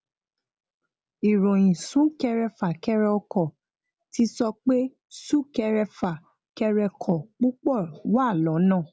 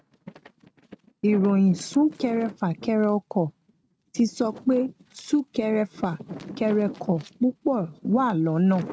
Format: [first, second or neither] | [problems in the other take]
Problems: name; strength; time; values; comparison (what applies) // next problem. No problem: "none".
first | noise reduction (neural mask model RNNoise)